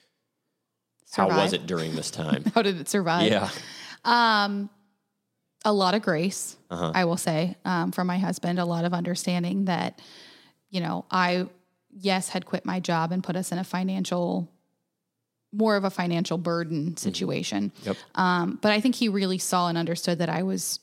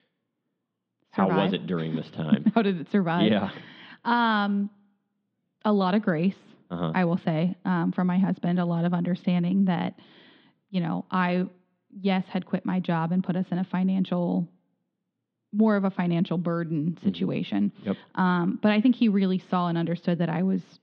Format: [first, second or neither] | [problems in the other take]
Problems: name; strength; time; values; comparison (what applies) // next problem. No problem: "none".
first | muffled; very; fading above 3.5 kHz